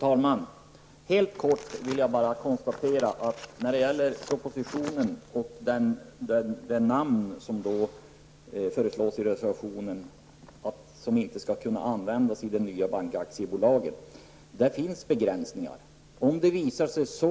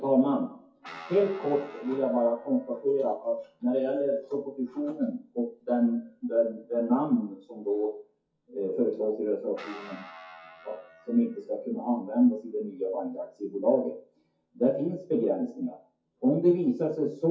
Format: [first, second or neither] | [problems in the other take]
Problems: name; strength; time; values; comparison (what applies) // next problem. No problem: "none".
first | noise reduction (classical method WPE with log-MMSE)